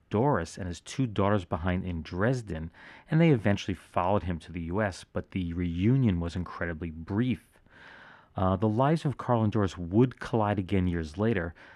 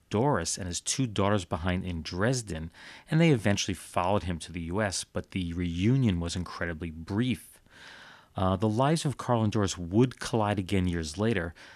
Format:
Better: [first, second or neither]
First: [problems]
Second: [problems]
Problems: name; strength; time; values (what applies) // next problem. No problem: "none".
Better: second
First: muffled; slightly; fading above 3.5 kHz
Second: none